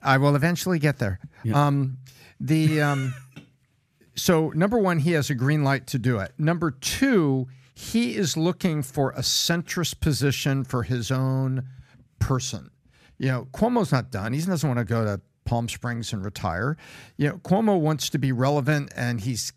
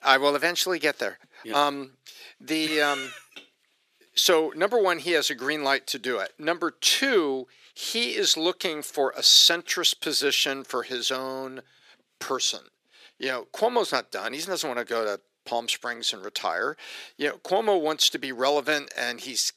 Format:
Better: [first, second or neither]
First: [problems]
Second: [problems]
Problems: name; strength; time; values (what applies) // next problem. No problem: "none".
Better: first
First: none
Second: thin; very; fading below 400 Hz